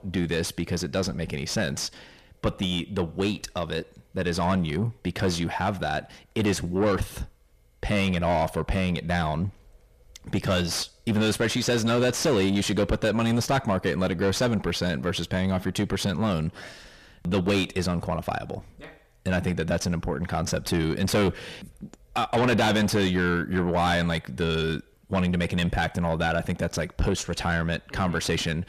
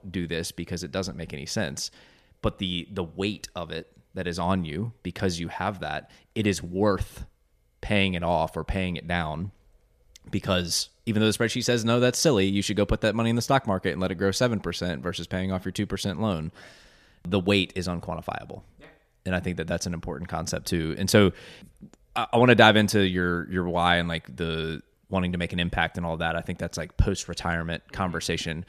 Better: second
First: distortion; heavy; 5 dB below the speech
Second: none

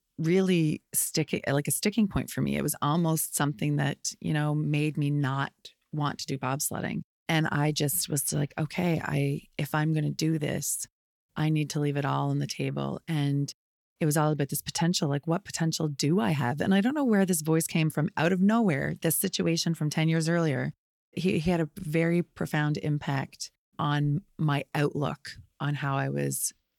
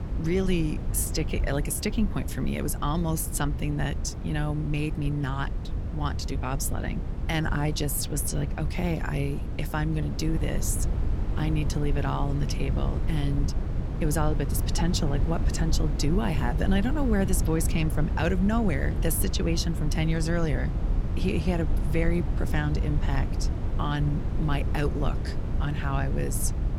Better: first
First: none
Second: wind noise on the microphone; heavy; 9 dB below the speech

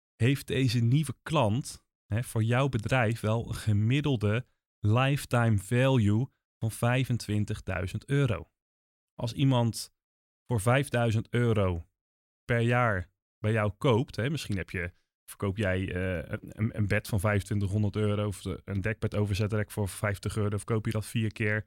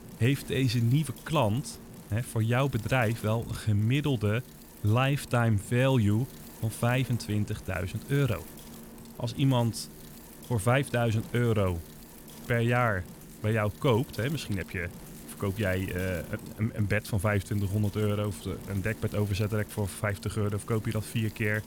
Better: first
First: none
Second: wind noise on the microphone; occasional gusts; 15 dB below the speech

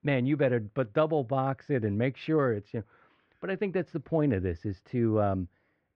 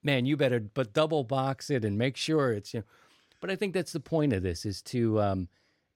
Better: second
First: muffled; very; fading above 2 kHz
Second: none

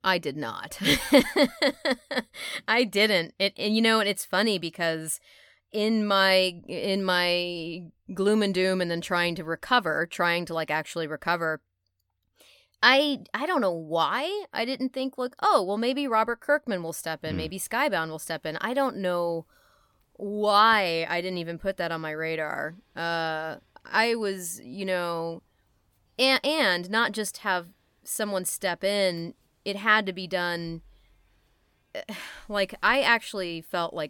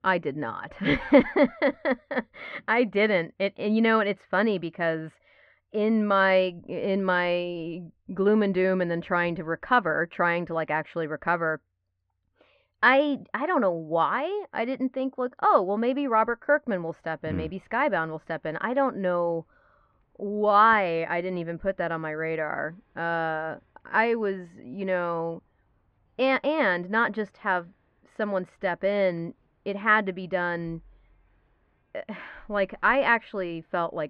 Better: first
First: none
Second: muffled; very; fading above 2 kHz

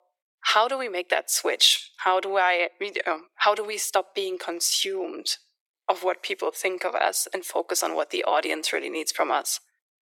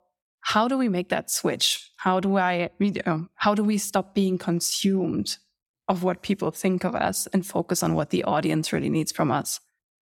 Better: second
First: thin; very; fading below 400 Hz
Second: none

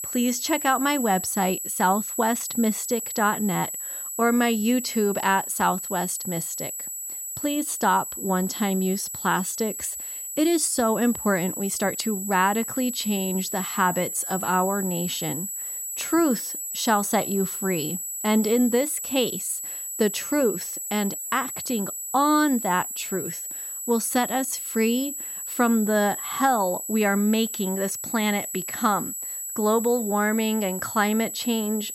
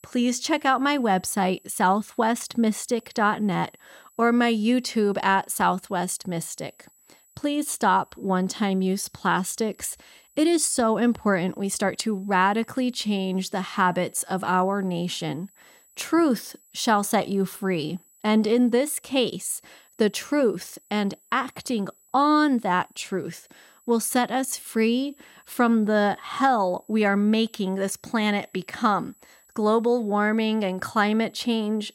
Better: second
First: high-pitched whine; loud; throughout; 8 kHz, 5 dB below the speech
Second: high-pitched whine; faint; throughout; 8 kHz, 30 dB below the speech

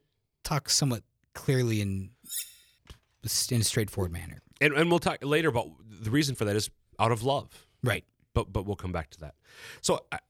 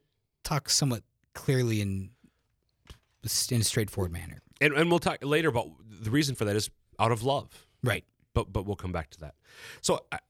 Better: second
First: clattering dishes; noticeable; at 2.5 s; peak 7 dB below the speech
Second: none

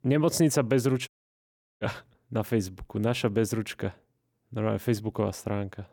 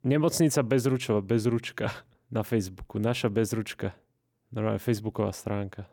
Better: second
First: audio cutting out; at 1 s for 0.5 s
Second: none

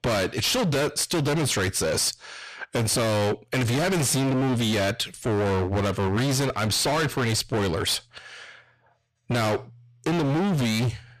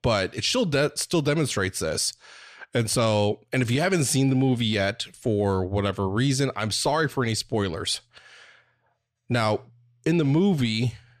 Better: second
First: distortion; heavy; 34% of the sound clipped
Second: none

